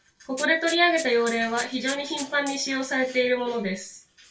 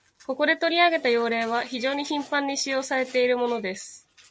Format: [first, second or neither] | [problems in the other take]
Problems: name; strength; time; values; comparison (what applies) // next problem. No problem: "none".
second | background sound (Rattle (instrument)); 16 dB below the speech // room echo; dies away in 0.2 s